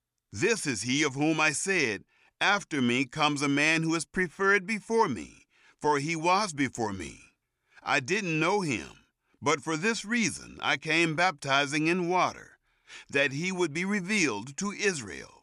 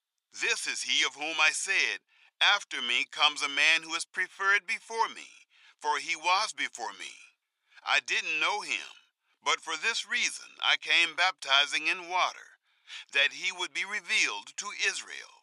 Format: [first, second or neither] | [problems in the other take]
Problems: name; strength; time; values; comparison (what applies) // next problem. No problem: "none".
first | thin; very; fading below 850 Hz